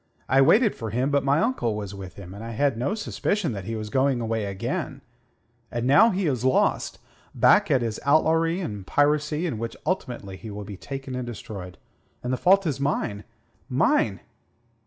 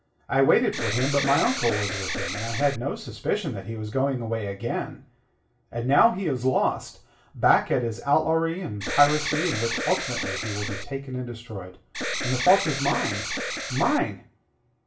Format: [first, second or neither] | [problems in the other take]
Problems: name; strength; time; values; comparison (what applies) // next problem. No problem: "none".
first | background sound (Alarm); 4 dB below the speech // room echo; dies away in 0.3 s